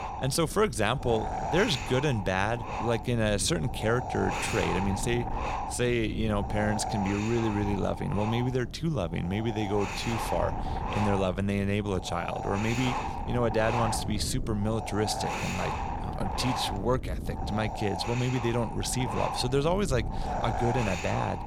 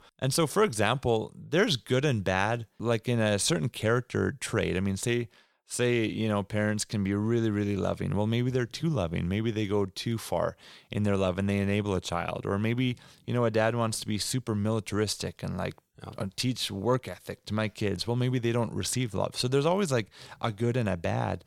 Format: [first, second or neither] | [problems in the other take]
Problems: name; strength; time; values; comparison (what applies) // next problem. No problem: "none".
second | wind noise on the microphone; heavy; 2 dB below the speech